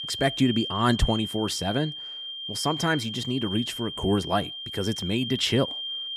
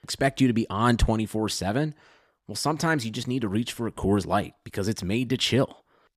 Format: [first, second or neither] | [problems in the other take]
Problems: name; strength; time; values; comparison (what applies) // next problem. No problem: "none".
second | high-pitched whine; loud; throughout; 3 kHz, 6 dB below the speech